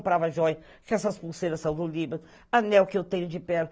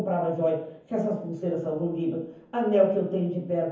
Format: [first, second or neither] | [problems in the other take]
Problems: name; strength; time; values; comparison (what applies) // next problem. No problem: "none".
first | room echo; dies away in 0.7 s